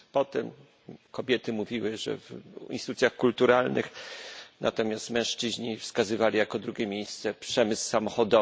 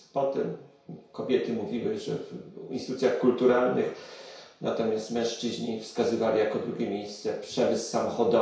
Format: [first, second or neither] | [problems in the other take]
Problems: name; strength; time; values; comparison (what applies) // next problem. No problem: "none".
first | room echo; dies away in 0.6 s